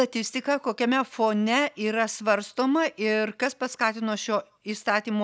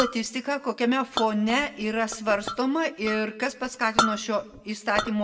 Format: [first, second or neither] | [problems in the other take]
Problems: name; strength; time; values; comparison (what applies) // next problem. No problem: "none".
first | background sound (Chink, clink); 7 dB below the speech // room echo; dies away in 0.6 s